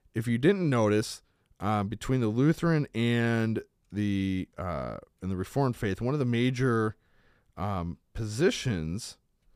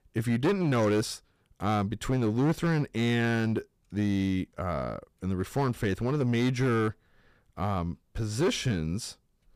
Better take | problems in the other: first | distortion; slight; 8% of the sound clipped

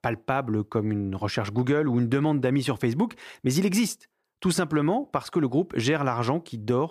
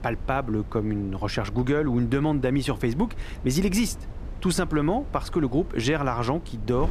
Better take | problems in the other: first | wind noise on the microphone; occasional gusts; 20 dB below the speech

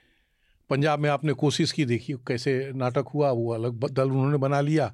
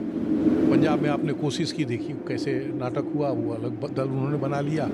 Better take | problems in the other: first | wind noise on the microphone; heavy; as loud as the speech

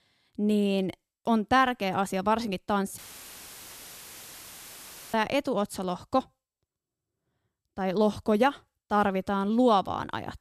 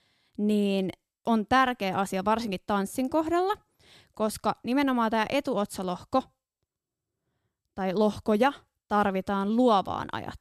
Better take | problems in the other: second | audio cutting out; filled with static; at 3 s for 2 s

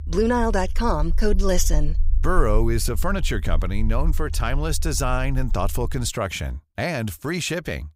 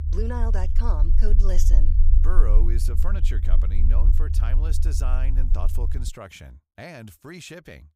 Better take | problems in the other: first | low rumble; loud; until 6 s; 6 dB below the speech; faint in the first

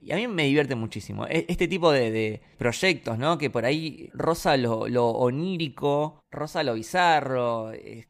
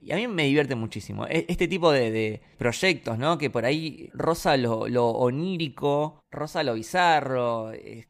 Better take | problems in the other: neither | none

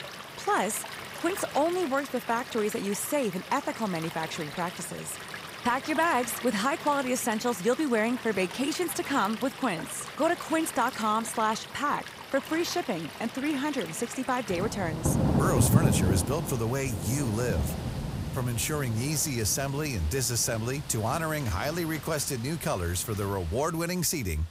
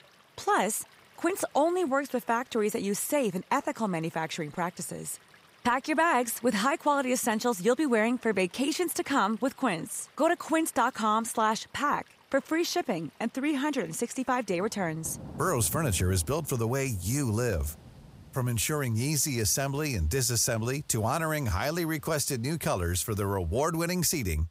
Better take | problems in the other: second | rain or running water; loud; throughout; 6 dB below the speech; faint in the second

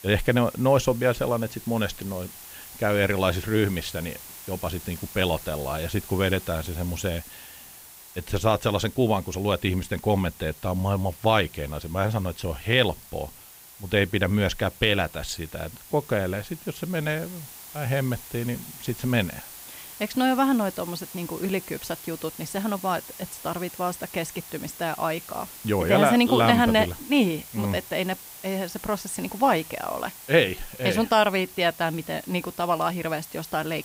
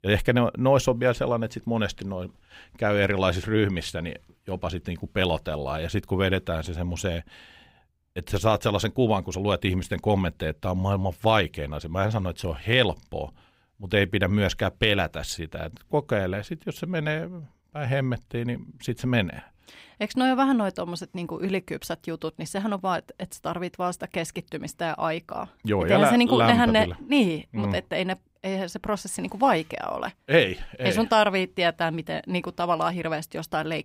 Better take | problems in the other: second | hiss; noticeable; throughout; 15 dB below the speech

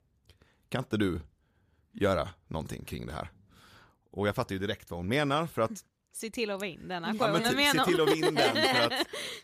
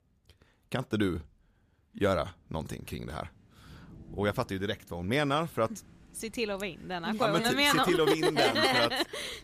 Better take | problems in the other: first | rain or running water; noticeable; throughout; 15 dB below the speech

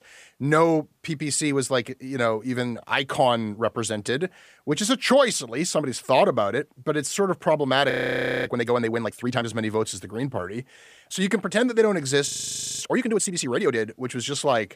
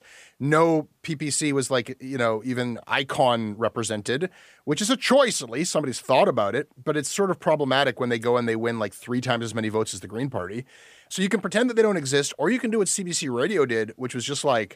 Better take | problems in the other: second | audio freezing; at 8 s for 0.5 s and at 12 s for 0.5 s

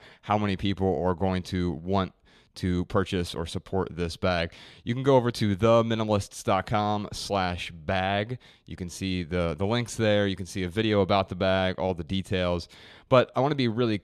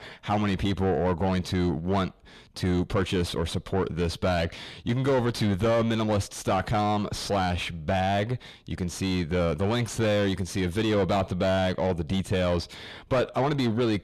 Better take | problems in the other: first | distortion; heavy; 7 dB below the speech

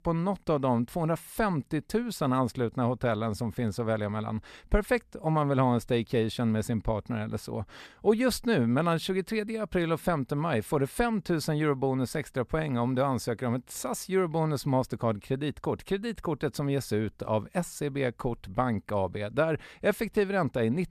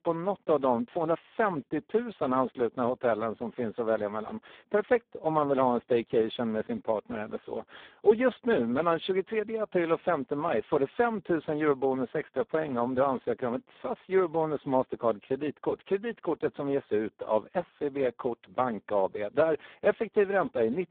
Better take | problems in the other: first | phone-call audio; poor line; nothing above 3.5 kHz

